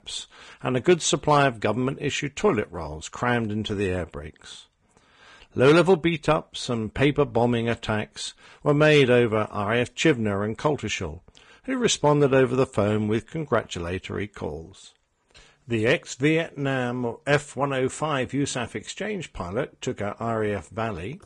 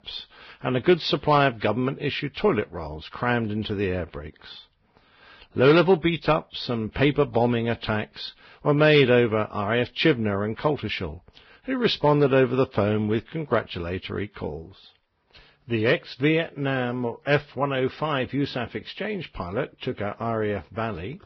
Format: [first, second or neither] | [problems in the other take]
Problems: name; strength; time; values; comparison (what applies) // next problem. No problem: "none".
first | garbled, watery; badly; nothing above 5 kHz; slightly in the first